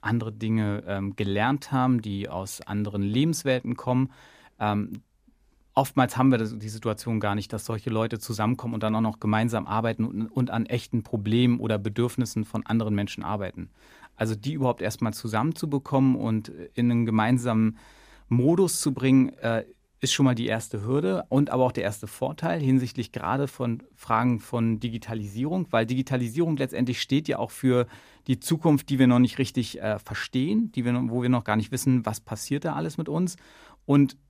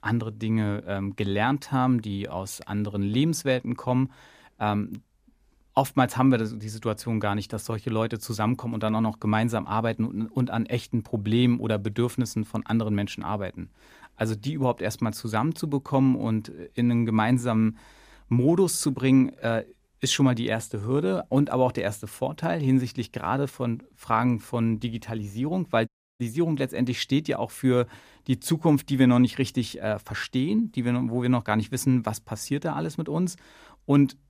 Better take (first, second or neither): first